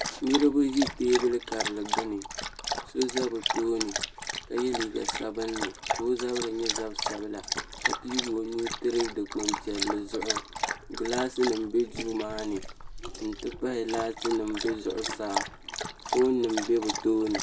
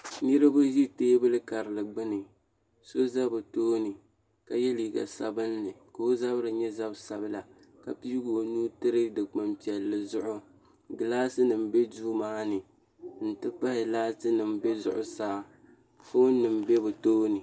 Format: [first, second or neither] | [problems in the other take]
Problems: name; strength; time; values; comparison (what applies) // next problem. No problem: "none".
second | background sound (Dog); 5 dB below the speech